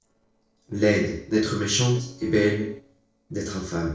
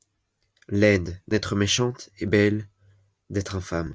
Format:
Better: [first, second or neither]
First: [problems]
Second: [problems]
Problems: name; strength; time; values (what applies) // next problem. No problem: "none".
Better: second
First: noise reduction (neural separator model SepFormer DNS4)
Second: none